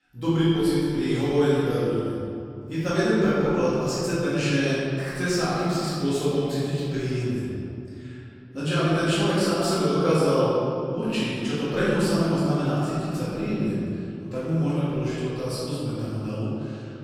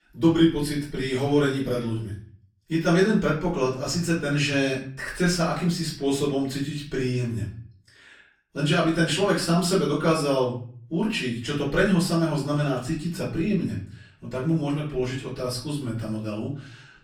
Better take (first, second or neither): second